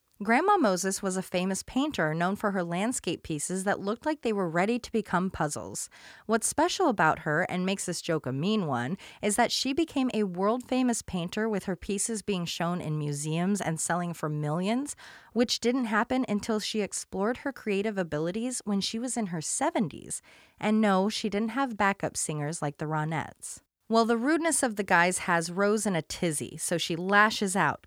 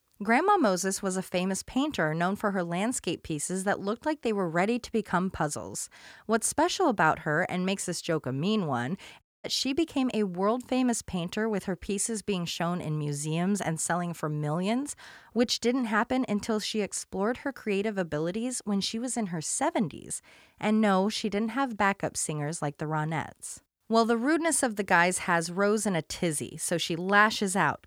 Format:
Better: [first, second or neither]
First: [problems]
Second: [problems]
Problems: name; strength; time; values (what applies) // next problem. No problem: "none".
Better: first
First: none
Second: audio cutting out; at 9 s